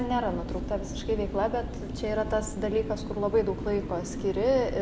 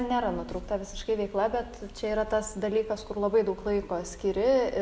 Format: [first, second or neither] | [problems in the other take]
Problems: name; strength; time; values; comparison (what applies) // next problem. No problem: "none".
second | background sound (Mechanical fan); 6 dB below the speech